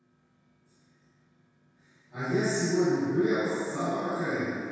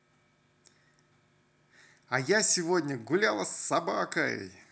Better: second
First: room echo; dies away in 2 s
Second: none

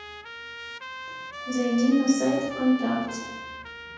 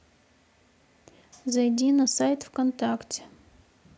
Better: second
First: background sound (Trumpet); 11 dB below the speech // room echo; dies away in 1.1 s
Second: none

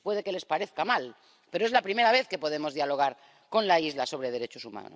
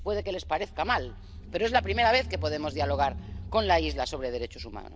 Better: first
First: none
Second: background sound (Engine / Car); 9 dB below the speech

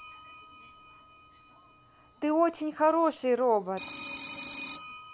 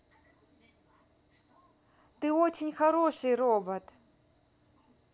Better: second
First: background sound (Telephone); 15 dB below the speech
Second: none

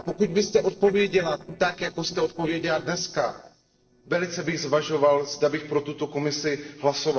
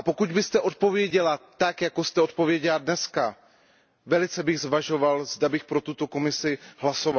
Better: second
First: noise reduction (neural separator model SepFormer DNS4)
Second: none

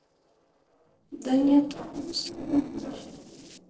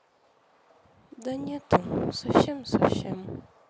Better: second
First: noise reduction (neural separator model SepFormer DNS4)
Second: none

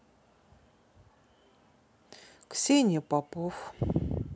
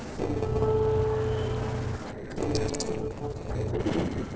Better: first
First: none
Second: noise reduction (neural separator model SepFormer DNS4)

